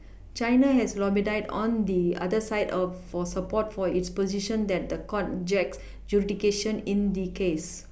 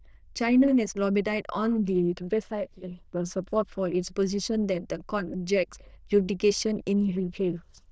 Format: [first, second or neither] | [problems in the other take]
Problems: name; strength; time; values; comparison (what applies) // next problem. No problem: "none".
first | noise reduction (neural diffusion model UNIVERSE++)